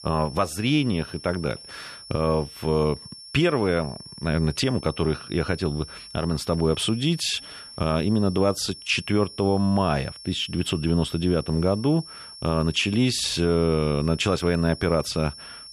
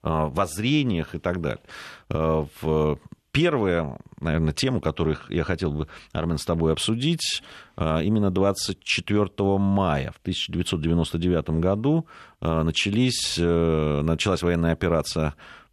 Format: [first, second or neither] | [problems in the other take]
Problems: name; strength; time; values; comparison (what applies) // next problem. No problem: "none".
second | high-pitched whine; noticeable; throughout; 5.5 kHz, 15 dB below the speech